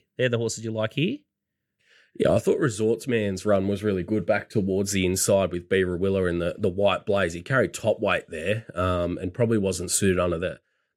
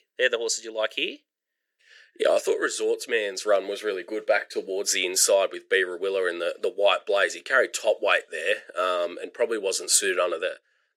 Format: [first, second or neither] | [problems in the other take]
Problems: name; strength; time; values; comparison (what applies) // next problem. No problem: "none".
first | thin; very; fading below 400 Hz